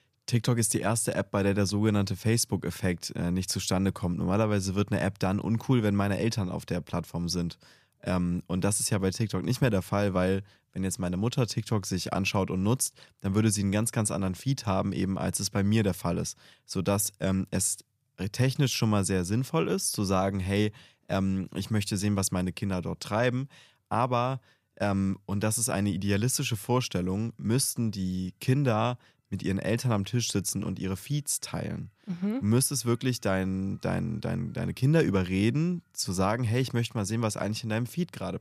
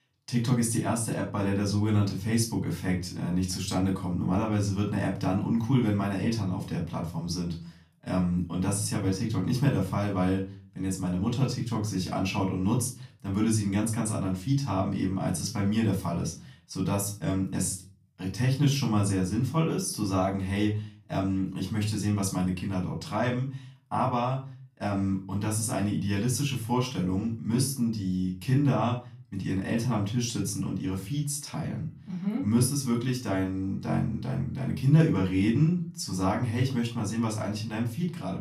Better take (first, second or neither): first